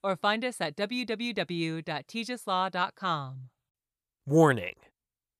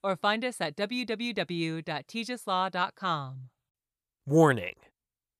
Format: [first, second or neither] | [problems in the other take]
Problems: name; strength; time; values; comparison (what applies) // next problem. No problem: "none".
neither | none